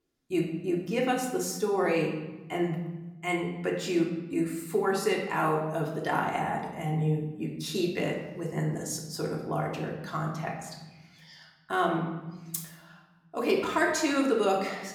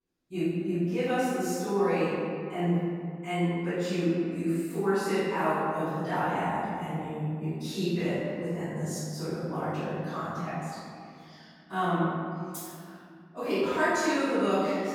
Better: first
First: room echo; slight; dies away in 1 s // off-mic speech; somewhat distant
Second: room echo; strong; dies away in 2.3 s // off-mic speech; far

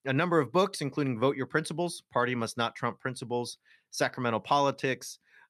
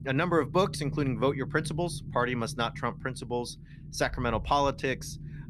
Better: first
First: none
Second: low rumble; faint; throughout; 20 dB below the speech

